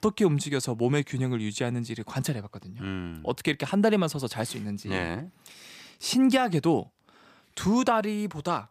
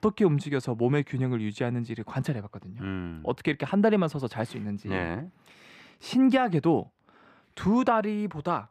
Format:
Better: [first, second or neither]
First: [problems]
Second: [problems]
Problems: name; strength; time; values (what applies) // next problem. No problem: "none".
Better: first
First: none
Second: muffled; slightly; fading above 3.5 kHz